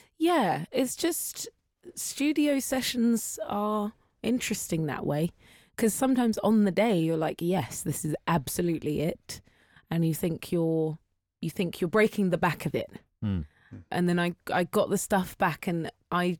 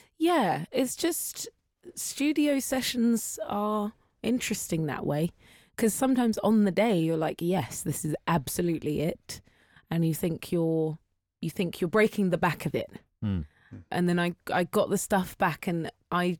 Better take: neither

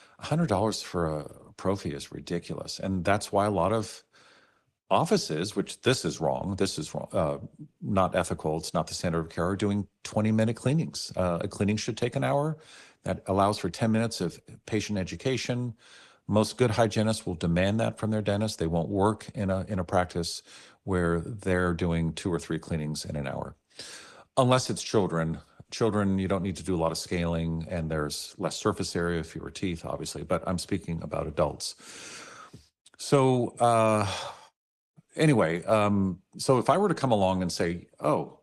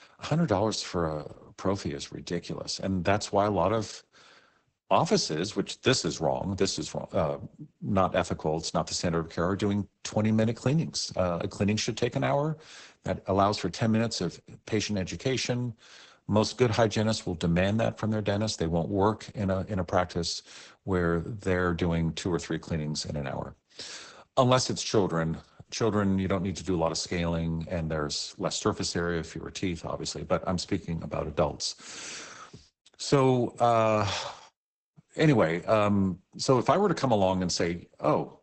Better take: first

